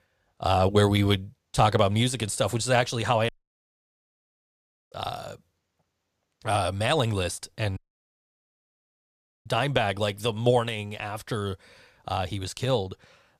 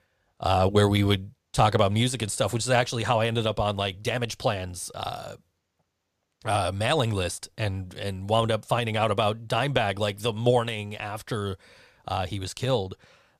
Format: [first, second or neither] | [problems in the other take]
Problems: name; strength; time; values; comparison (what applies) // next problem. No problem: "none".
second | audio cutting out; at 3.5 s for 1.5 s and at 8 s for 1.5 s